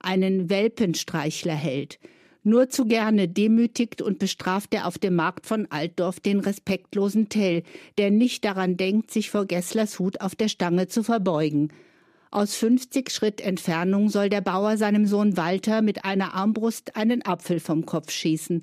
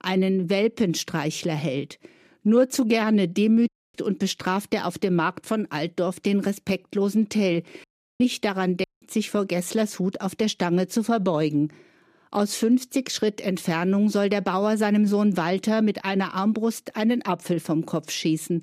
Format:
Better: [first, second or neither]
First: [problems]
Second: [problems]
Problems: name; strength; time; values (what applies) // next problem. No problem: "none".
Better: first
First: none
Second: audio cutting out; at 3.5 s, at 8 s and at 9 s